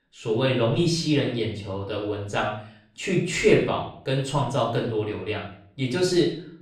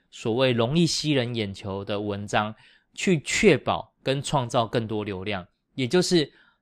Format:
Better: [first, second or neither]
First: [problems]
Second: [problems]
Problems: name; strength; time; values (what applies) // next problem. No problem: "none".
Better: second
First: off-mic speech; far // room echo; noticeable; dies away in 0.5 s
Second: none